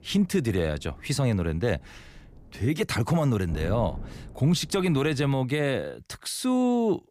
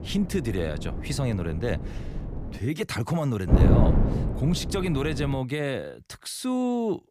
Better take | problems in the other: first | wind noise on the microphone; heavy; until 2.5 s and from 3.5 to 5.5 s; 4 dB below the speech; occasional gusts in the first

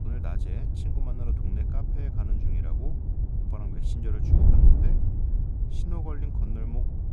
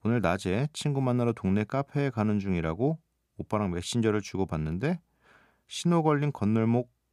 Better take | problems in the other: second | wind noise on the microphone; heavy; 4 dB above the speech

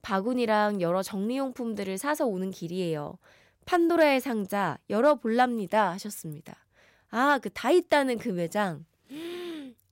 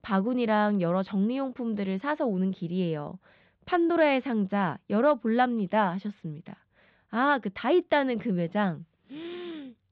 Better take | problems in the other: first | muffled; slightly; fading above 3.5 kHz

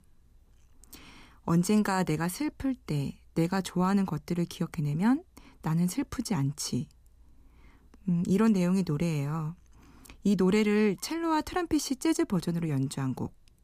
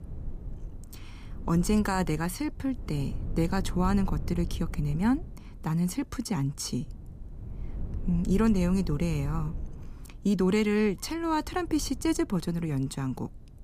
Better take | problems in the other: first | low rumble; noticeable; throughout; 20 dB below the speech

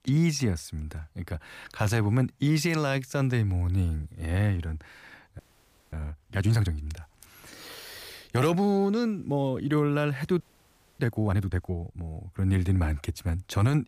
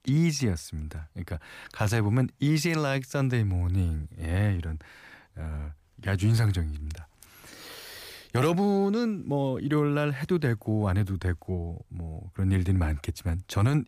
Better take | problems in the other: second | audio freezing; at 5.5 s for 0.5 s and at 10 s for 0.5 s

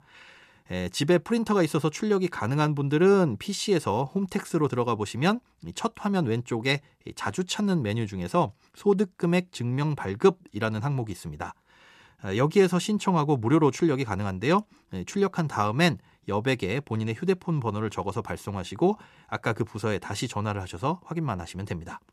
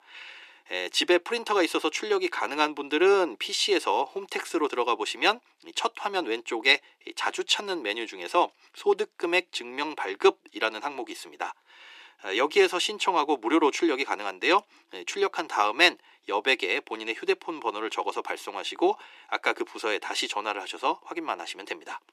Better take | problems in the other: first | thin; very; fading below 300 Hz

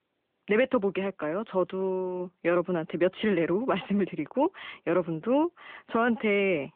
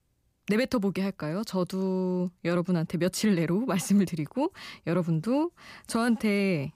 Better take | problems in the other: second | phone-call audio

